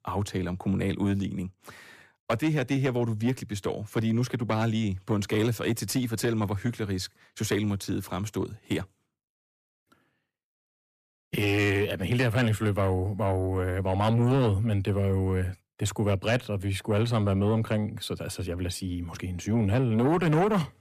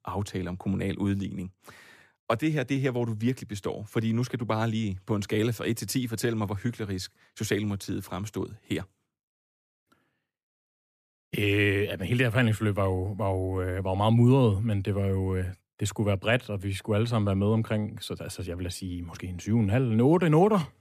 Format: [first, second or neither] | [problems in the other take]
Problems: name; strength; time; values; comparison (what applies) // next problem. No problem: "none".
second | distortion; slight; 10 dB below the speech